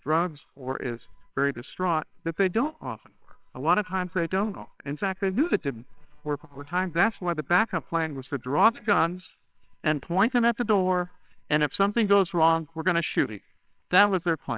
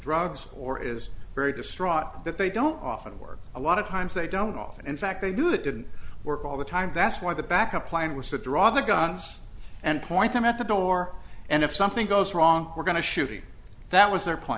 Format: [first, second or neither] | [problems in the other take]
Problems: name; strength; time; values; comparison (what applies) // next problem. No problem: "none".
second | noise reduction (neural separator model SepFormer WHAMR!)